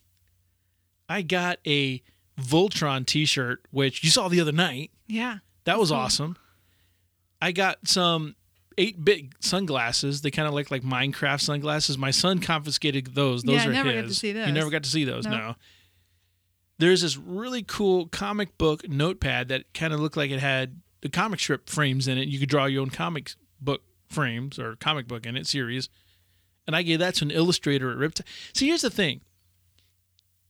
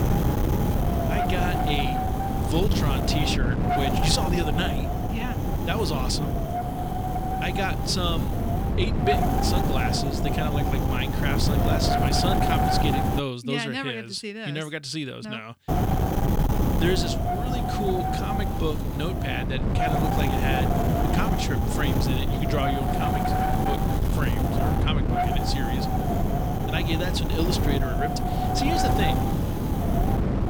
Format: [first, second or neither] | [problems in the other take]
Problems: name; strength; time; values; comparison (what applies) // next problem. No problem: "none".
first | wind noise on the microphone; heavy; until 13 s and from 16 s on; 2 dB above the speech